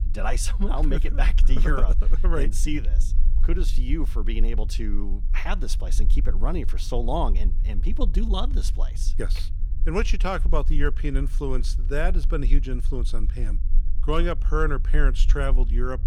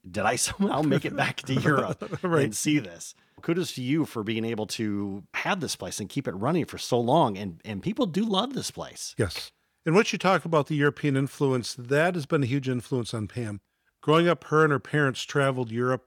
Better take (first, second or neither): second